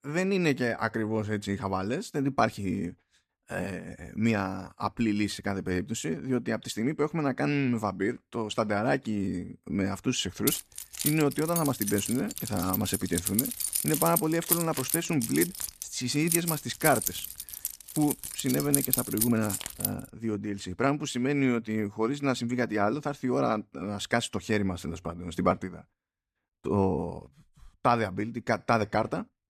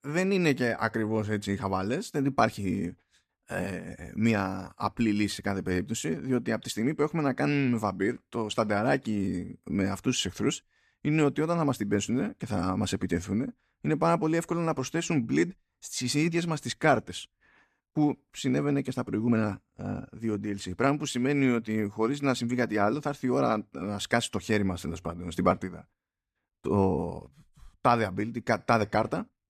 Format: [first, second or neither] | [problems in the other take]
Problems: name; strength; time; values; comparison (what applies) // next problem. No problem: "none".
second | jangling keys; loud; from 10 to 20 s; peak 4 dB above the speech